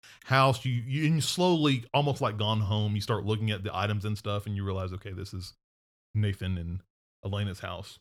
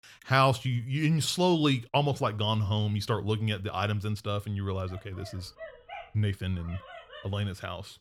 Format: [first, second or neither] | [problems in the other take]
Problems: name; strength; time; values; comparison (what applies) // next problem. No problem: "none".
first | dog barking; faint; from 5 to 7.5 s; peak 15 dB below the speech